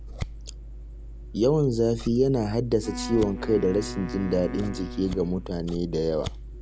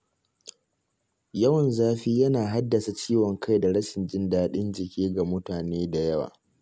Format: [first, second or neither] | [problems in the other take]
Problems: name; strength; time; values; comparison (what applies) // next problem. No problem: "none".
second | background sound (Wind instrument, woodwind instrument + Scissors); 10 dB below the speech